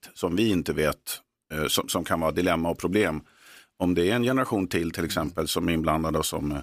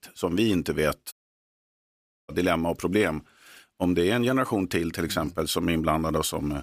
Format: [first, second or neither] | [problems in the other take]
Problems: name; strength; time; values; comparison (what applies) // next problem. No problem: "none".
first | audio cutting out; at 1 s for 1 s